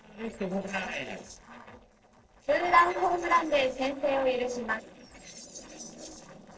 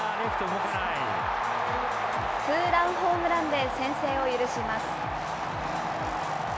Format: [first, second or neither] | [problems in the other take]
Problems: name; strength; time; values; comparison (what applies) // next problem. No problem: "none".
second | noise reduction (neural separator model SepFormer DNS4)